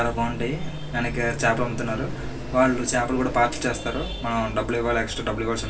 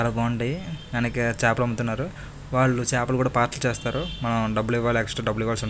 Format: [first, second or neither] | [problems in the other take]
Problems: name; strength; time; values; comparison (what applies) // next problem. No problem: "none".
second | background sound (Fixed-wing aircraft, airplane); 12 dB below the speech // room echo; dies away in 0.2 s